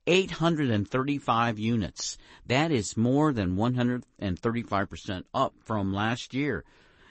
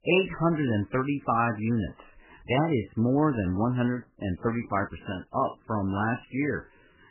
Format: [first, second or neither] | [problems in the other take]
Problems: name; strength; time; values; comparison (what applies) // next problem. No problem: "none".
first | garbled, watery; badly; nothing above 3 kHz; slightly in the first